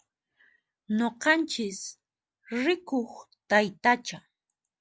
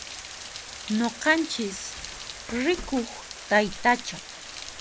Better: first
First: none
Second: background sound (Rain); 11 dB below the speech

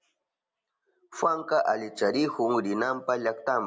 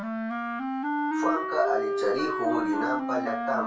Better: first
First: none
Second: background sound (Wind instrument, woodwind instrument); 1 dB above the speech // room echo; dies away in 0.2 s

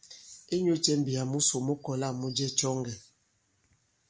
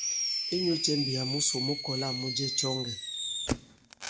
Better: first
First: none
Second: background sound (Fireworks); 1 dB below the speech

